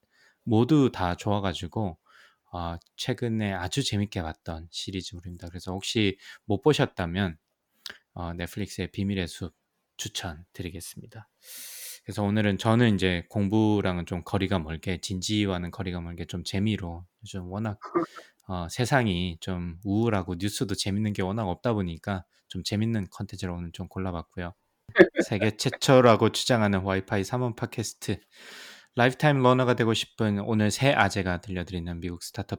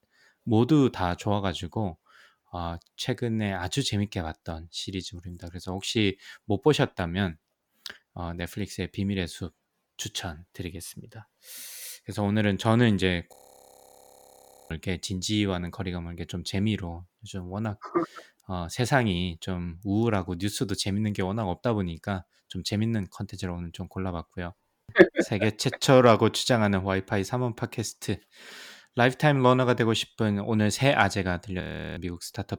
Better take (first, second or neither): first